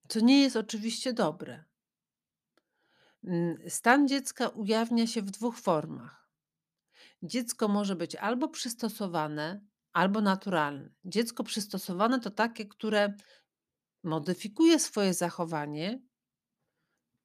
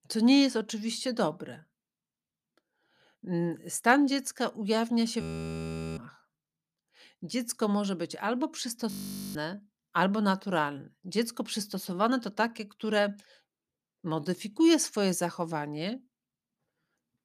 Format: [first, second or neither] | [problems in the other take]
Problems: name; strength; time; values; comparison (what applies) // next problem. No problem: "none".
first | audio freezing; at 5 s for 1 s and at 9 s